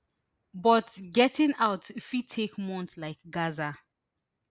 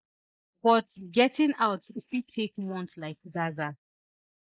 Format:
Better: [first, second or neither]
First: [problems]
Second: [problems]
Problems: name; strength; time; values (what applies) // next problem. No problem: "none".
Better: first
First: none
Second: noise reduction (neural mask model Resemble Enhance denoiser)